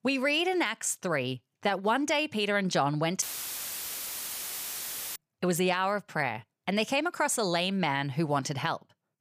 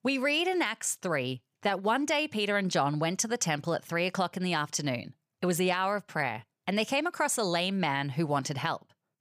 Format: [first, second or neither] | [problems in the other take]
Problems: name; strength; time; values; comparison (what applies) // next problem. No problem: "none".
second | audio cutting out; filled with static; at 3 s for 2 s